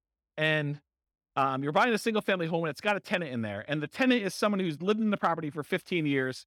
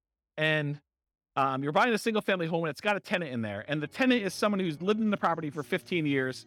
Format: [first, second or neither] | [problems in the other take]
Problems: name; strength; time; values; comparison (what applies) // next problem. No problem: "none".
first | background music; faint; from 3.5 s on; 30 dB below the speech